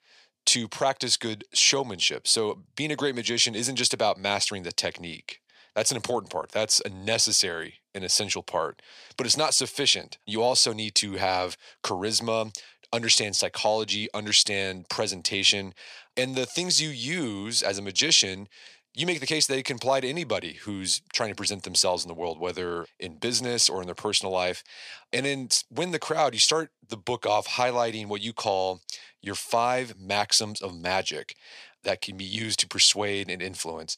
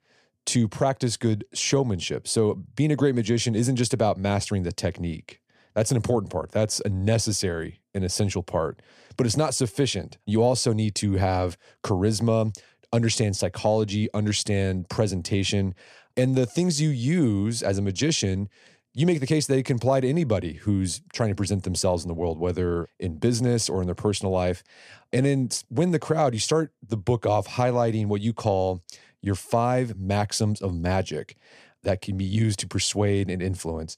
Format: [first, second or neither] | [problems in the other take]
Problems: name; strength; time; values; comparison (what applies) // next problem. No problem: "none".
second | thin; somewhat; fading below 950 Hz